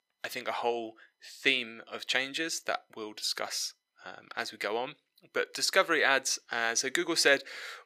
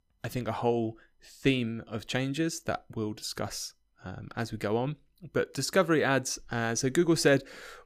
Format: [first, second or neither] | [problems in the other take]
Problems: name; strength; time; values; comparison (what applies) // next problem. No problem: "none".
second | thin; very; fading below 550 Hz